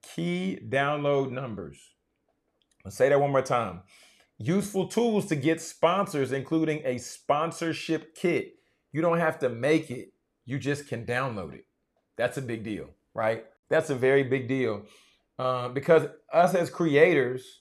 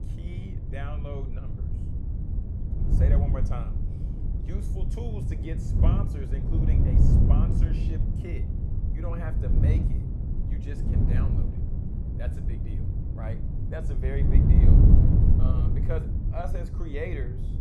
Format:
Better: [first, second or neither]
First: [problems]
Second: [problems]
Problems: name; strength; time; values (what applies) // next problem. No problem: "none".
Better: first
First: none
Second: wind noise on the microphone; heavy; 2 dB above the speech